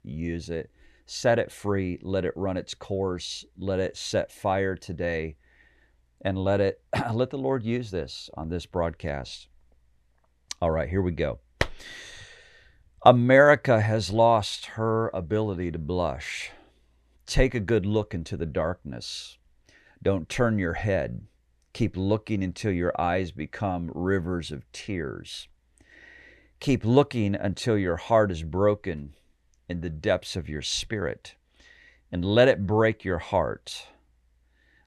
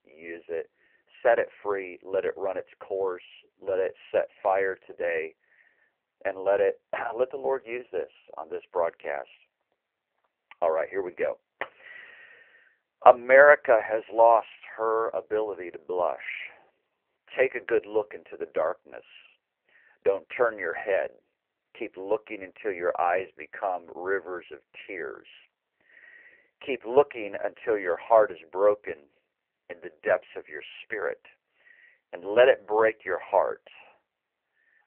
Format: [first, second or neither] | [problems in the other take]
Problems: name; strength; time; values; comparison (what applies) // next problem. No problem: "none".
first | phone-call audio; poor line